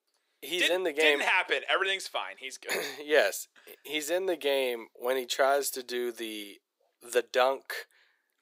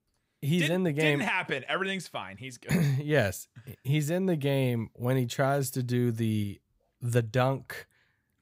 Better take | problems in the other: second | thin; very; fading below 350 Hz

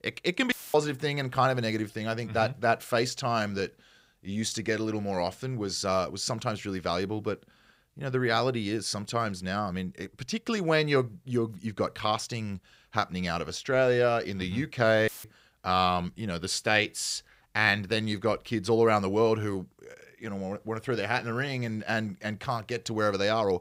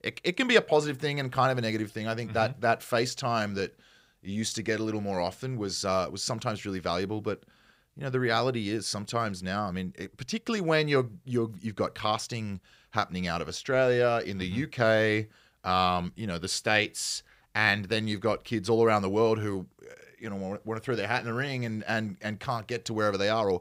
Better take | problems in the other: second | audio cutting out; filled with static; at 0.5 s and at 15 s

